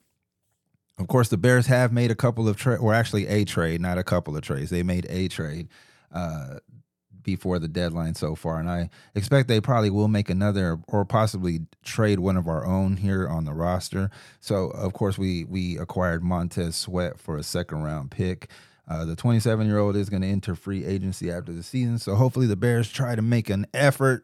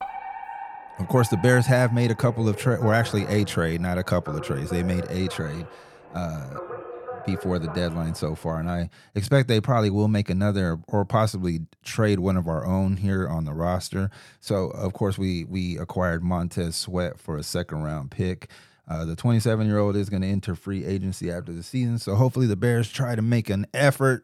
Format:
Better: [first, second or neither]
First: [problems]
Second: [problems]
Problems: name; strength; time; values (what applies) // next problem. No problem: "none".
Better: first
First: none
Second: alarm; noticeable; until 8.5 s; peak 9 dB below the speech